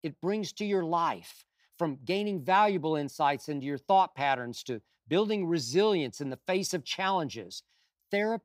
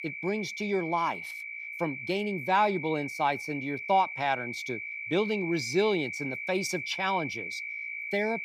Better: first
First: none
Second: high-pitched whine; loud; throughout; 2.5 kHz, 6 dB below the speech

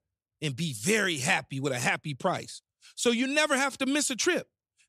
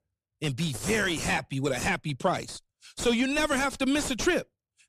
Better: first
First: none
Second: distortion; heavy; 3 dB below the speech

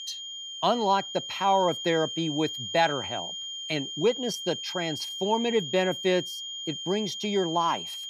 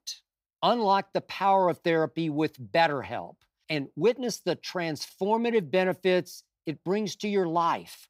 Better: second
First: high-pitched whine; loud; throughout; 3 kHz, 6 dB below the speech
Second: none

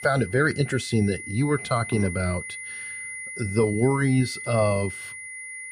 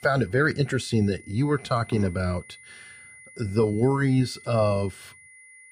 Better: second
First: high-pitched whine; loud; throughout; 2 kHz, 10 dB below the speech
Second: high-pitched whine; faint; throughout; 2 kHz, 20 dB below the speech

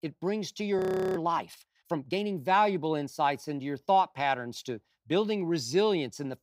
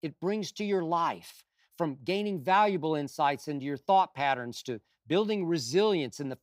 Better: second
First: audio freezing; at 1 s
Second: none

